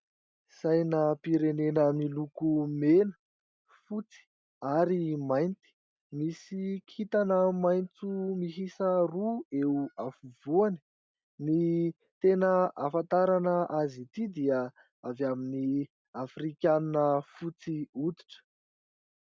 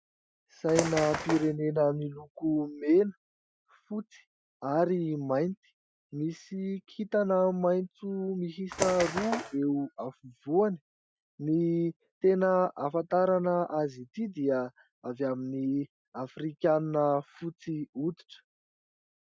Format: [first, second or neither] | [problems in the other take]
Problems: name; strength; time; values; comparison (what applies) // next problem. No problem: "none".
first | noise reduction (classical method Wiener filter)